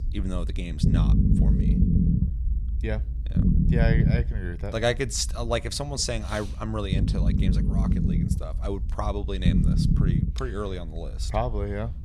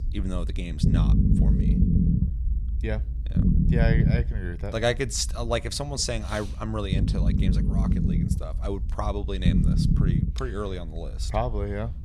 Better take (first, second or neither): neither